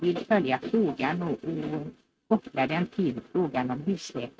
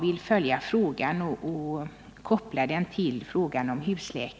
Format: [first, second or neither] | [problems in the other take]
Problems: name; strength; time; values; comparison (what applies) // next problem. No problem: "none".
second | noise reduction (neural mask model RNNoise)